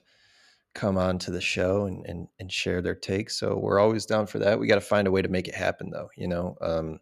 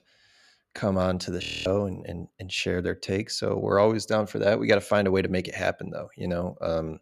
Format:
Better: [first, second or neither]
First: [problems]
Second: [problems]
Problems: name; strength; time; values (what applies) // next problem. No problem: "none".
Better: first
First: none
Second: audio freezing; at 1.5 s